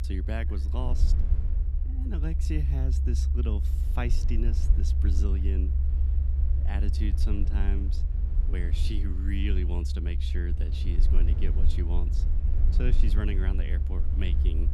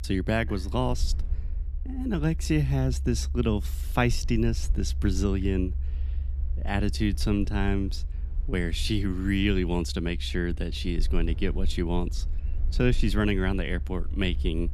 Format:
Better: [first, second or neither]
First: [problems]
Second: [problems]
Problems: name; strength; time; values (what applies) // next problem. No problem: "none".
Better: second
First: low rumble; loud; throughout; 5 dB below the speech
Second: low rumble; faint; throughout; 20 dB below the speech